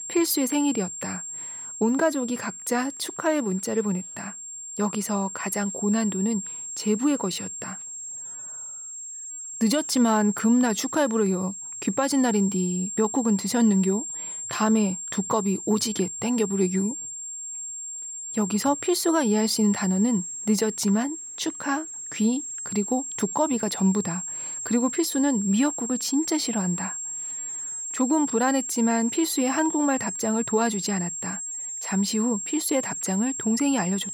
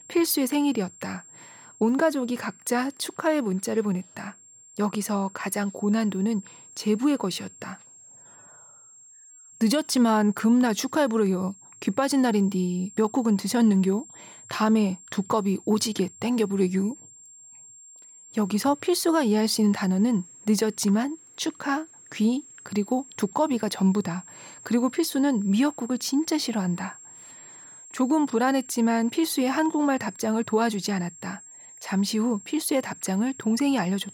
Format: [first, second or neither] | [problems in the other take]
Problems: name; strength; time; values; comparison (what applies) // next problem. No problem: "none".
second | high-pitched whine; loud; throughout; 7.5 kHz, 6 dB below the speech; faint in the second